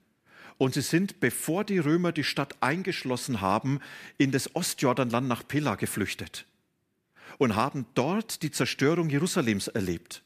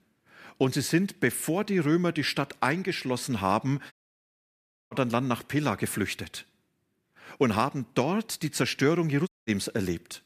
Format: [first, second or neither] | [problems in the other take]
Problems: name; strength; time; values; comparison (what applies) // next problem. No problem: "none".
first | audio cutting out; at 4 s for 1 s and at 9.5 s